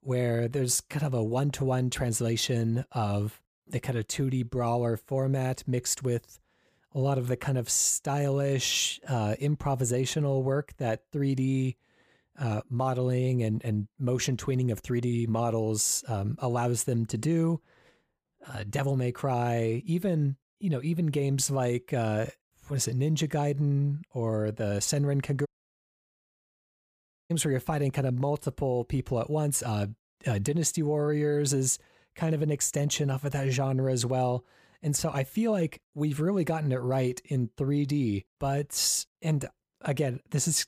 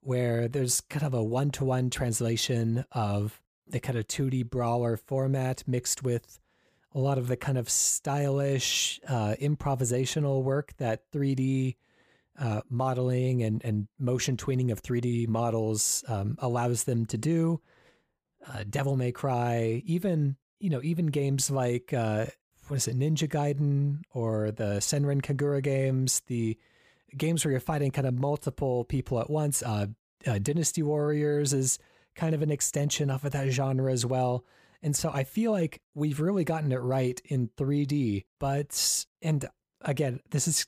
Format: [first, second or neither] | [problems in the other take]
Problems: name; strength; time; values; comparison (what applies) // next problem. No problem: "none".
second | audio cutting out; at 25 s for 2 s